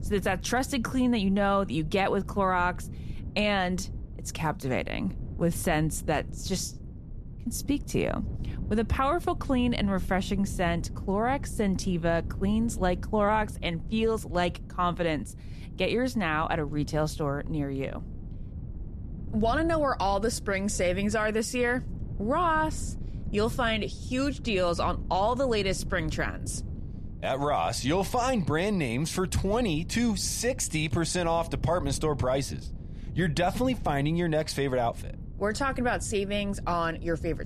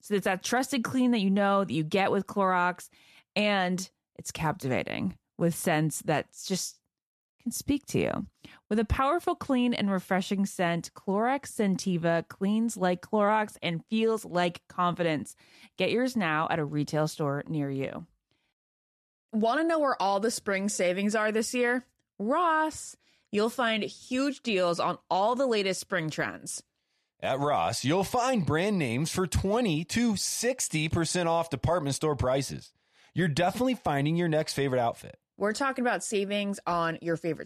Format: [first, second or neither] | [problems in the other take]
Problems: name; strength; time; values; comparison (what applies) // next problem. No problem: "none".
second | wind noise on the microphone; occasional gusts; 20 dB below the speech